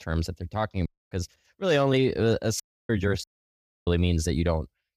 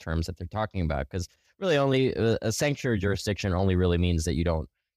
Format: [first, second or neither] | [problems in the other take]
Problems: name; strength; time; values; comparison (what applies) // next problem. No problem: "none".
second | audio cutting out; at 1 s, at 2.5 s and at 3 s for 0.5 s